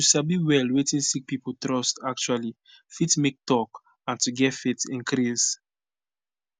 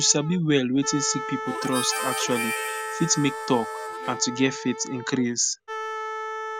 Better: first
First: none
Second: background sound (Harmonica + Wind instrument, woodwind instrument); 6 dB below the speech

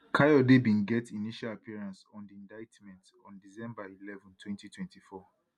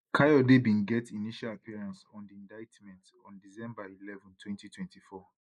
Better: first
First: none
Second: noise reduction (neural mask model Resemble Enhance denoiser)

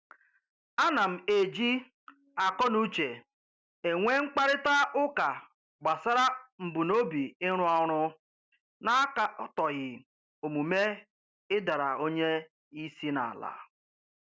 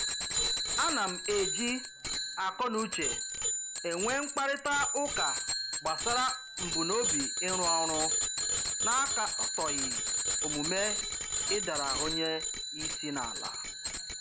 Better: first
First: none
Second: background sound (Bicycle bell); 2 dB above the speech

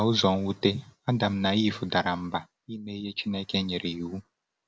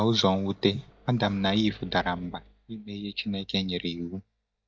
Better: first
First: none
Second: noise reduction (neural mask model DeepFilterNet 3)

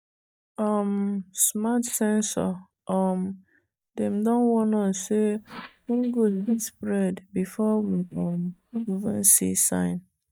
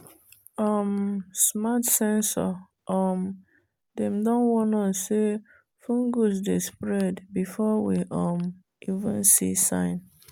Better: second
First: noise reduction (neural mask model DeepFilterNet 3)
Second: none

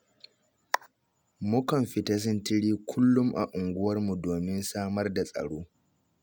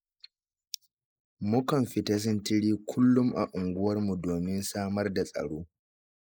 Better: first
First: none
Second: noise reduction (neural mask model Resemble Enhance denoiser)

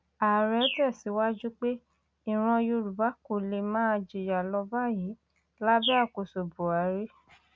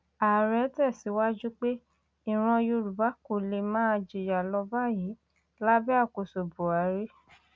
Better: second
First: background sound (Bird); 10 dB below the speech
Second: none

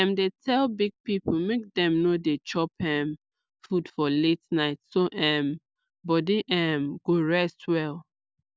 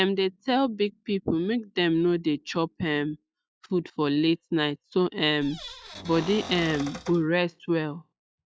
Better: first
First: none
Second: noise reduction (classical method log-MMSE)

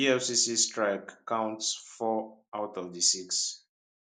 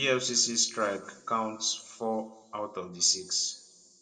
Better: first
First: none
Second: room echo; dies away in 1.6 s

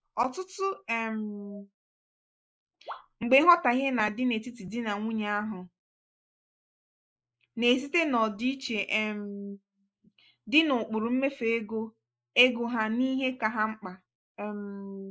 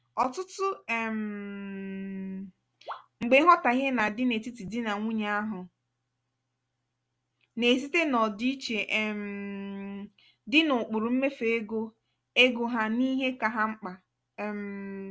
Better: second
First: noise reduction (neural mask model Resemble Enhance denoiser)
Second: none

